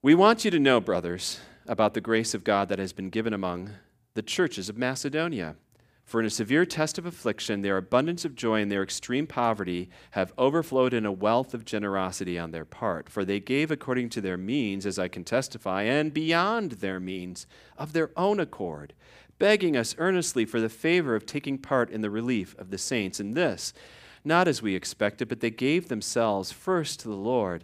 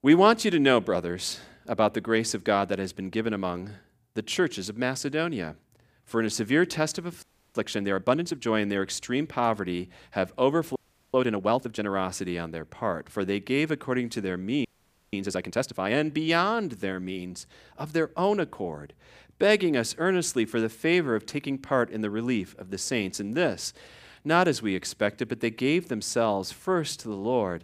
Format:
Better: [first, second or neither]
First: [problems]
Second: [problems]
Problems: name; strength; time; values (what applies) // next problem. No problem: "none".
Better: first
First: none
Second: audio freezing; at 7 s, at 11 s and at 15 s